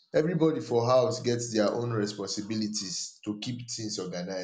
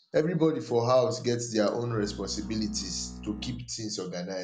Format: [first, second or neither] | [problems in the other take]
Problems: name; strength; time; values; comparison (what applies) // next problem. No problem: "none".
first | background sound (Bowed string instrument); 13 dB below the speech